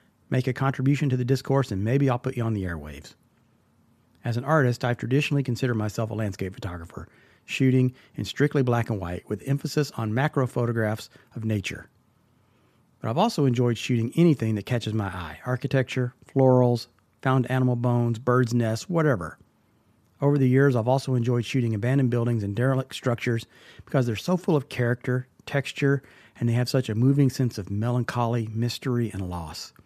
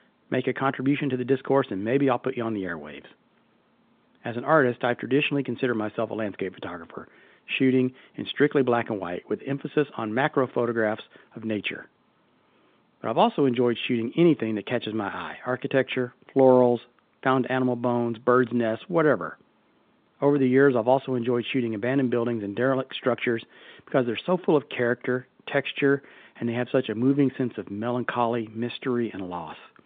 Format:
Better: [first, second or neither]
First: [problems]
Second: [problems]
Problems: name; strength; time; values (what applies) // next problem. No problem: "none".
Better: first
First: none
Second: phone-call audio; nothing above 3.5 kHz